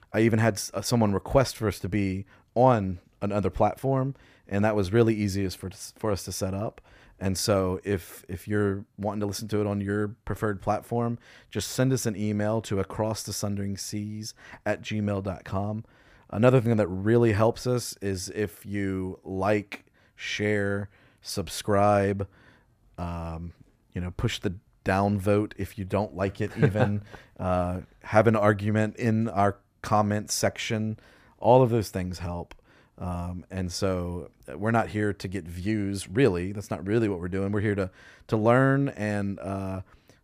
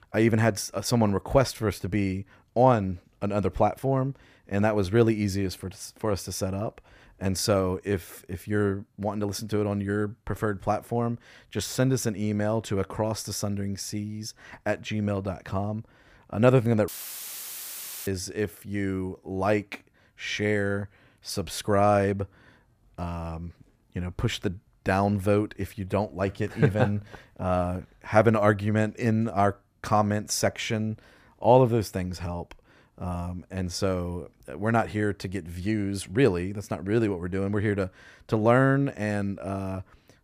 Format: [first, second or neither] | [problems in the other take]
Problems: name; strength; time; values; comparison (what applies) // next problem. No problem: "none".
first | audio cutting out; filled with static; at 17 s for 1 s